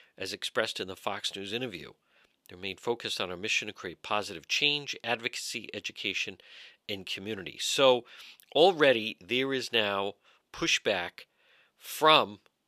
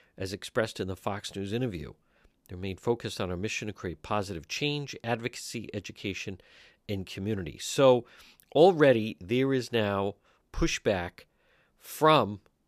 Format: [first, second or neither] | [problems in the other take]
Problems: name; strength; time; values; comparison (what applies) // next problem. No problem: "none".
second | thin; very slightly; fading below 1 kHz